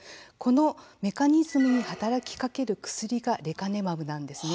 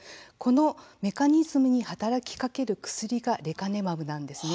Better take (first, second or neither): second